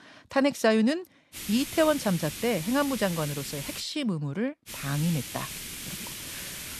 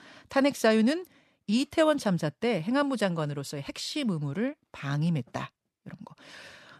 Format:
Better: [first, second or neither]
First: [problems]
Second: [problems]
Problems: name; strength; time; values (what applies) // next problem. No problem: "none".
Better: second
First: hiss; loud; from 1.5 to 4 s and from 4.5 s on; 9 dB below the speech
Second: none